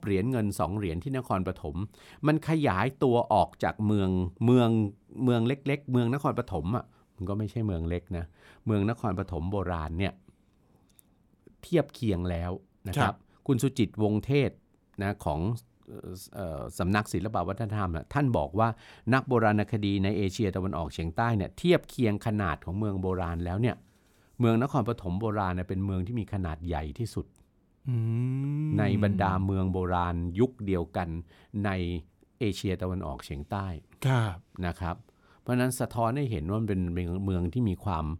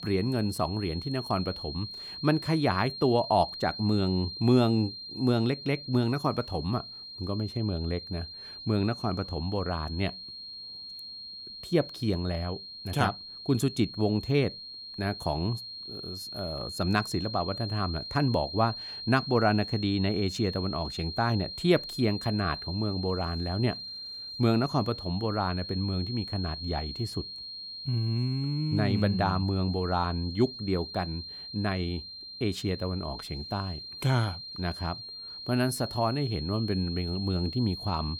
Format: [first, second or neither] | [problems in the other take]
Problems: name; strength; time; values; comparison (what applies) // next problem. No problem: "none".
first | high-pitched whine; loud; throughout; 4 kHz, 9 dB below the speech